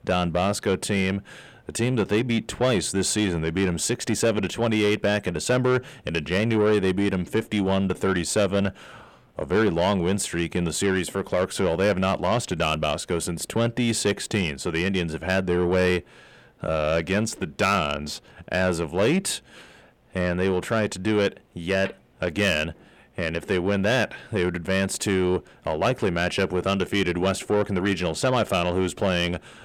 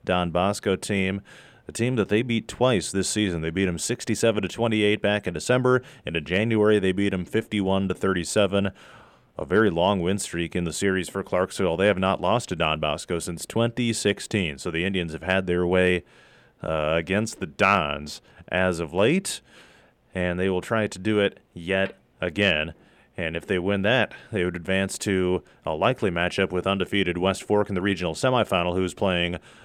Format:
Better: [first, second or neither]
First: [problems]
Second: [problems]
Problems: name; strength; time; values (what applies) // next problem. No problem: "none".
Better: second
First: distortion; slight; 10 dB below the speech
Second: none